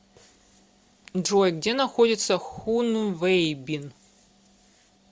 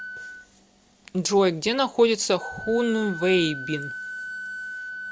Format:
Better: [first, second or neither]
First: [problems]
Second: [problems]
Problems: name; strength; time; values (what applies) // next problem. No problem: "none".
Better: first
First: none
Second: background sound (Wind instrument, woodwind instrument); 12 dB below the speech